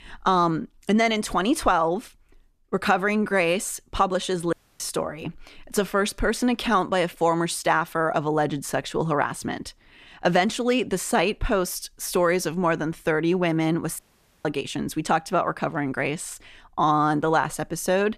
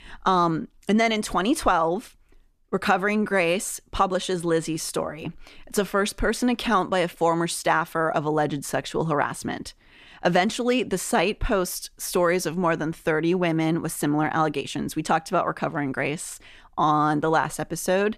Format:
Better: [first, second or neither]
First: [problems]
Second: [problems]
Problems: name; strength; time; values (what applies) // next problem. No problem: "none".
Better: second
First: audio cutting out; at 4.5 s and at 14 s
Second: none